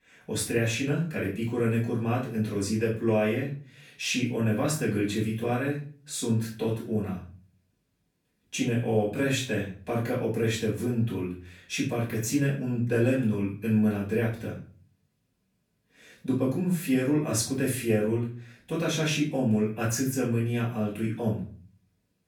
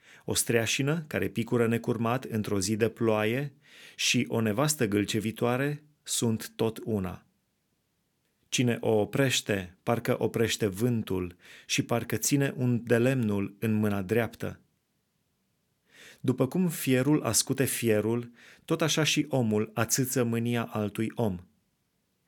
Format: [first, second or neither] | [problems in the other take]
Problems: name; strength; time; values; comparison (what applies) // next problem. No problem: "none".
second | off-mic speech; far // room echo; slight; dies away in 0.4 s